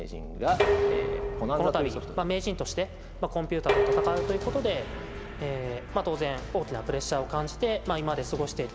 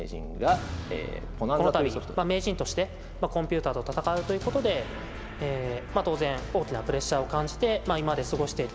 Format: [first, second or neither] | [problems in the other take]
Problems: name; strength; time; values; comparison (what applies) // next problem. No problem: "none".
second | background sound (Dishes, pots, and pans); 1 dB below the speech